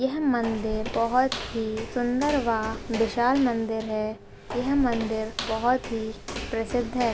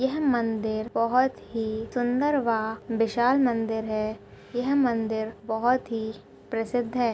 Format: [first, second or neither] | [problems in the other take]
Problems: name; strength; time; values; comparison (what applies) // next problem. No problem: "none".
second | background sound (Walk, footsteps); 10 dB below the speech